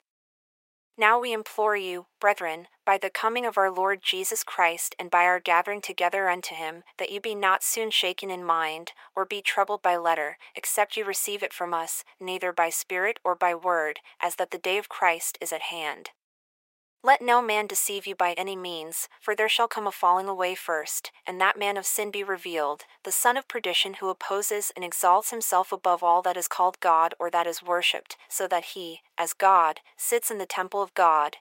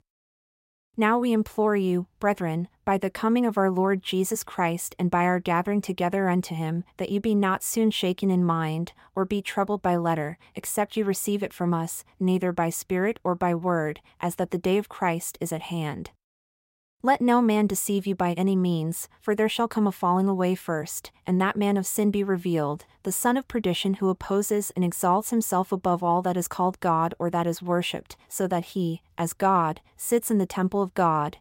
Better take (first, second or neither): second